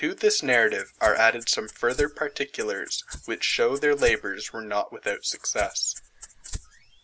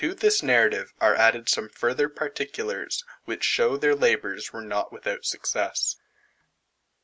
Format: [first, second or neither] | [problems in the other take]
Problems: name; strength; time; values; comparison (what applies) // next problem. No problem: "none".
second | background sound (Rattle (instrument)); 16 dB below the speech